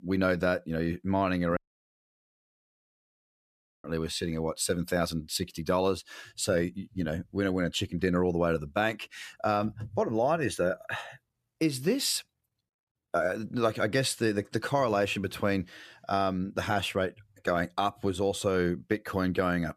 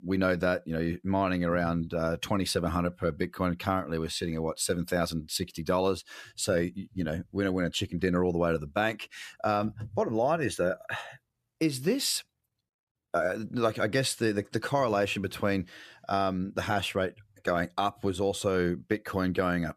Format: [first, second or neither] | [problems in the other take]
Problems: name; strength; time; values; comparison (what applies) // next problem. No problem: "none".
second | audio cutting out; at 1.5 s for 2.5 s